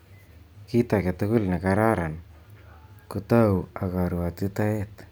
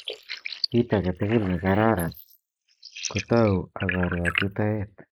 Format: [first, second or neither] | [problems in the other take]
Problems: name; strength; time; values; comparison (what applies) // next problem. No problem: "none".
first | noise reduction (neural mask model Resemble Enhance denoiser)